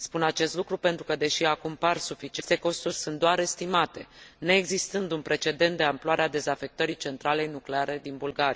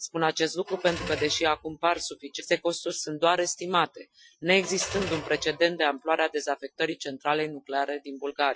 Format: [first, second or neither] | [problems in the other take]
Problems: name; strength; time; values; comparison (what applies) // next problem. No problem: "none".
first | noise reduction (classical method Wiener filter)